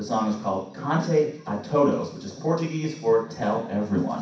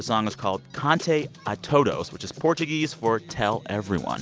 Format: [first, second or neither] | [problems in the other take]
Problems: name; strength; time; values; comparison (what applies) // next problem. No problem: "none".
second | room echo; dies away in 0.6 s